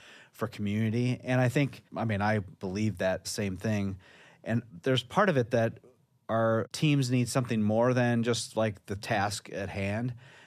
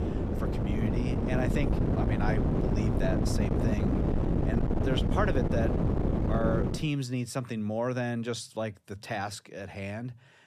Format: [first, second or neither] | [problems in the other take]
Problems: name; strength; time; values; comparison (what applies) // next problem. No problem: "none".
first | wind noise on the microphone; heavy; until 7 s; as loud as the speech